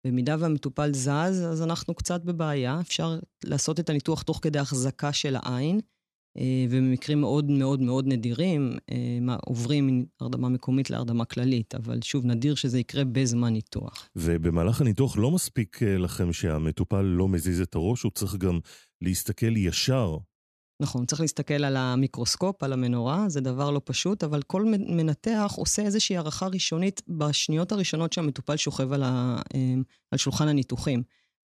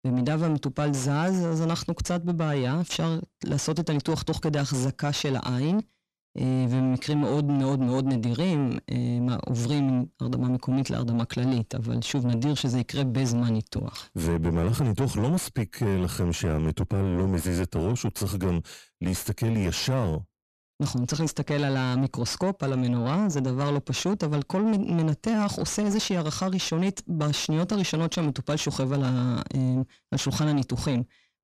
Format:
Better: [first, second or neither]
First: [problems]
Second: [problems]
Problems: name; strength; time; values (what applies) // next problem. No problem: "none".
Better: first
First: none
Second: distortion; slight; 10 dB below the speech